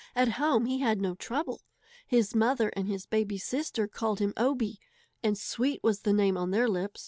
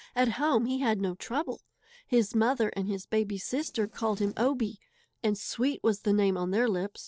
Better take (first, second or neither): first